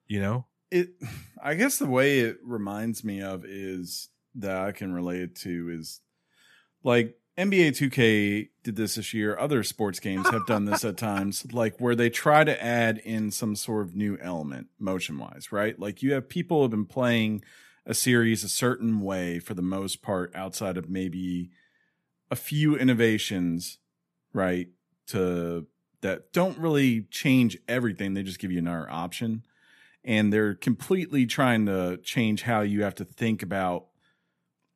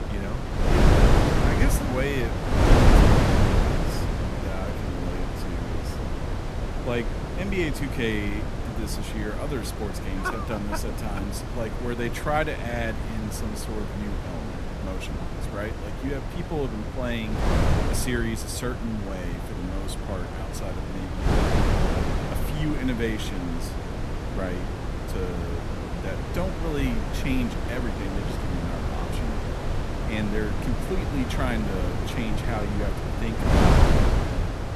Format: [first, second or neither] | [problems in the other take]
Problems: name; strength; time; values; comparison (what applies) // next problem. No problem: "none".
first | wind noise on the microphone; heavy; 2 dB above the speech